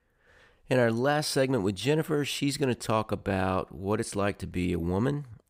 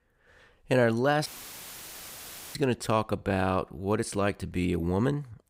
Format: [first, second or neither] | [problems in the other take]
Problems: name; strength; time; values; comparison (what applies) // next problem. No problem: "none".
first | audio cutting out; filled with static; at 1.5 s for 1.5 s